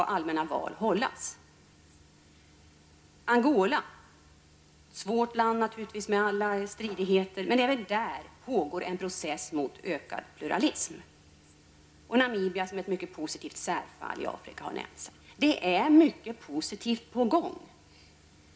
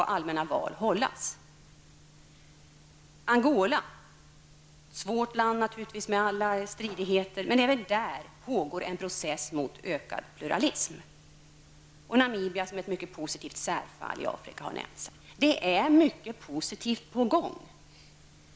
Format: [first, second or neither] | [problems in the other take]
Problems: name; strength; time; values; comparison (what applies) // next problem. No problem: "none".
second | room echo; dies away in 0.3 s